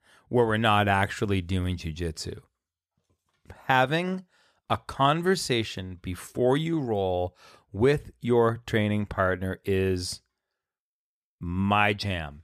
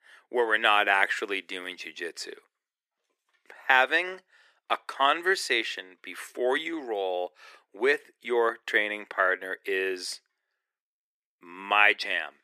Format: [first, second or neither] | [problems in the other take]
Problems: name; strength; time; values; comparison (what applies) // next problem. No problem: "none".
first | thin; very; fading below 350 Hz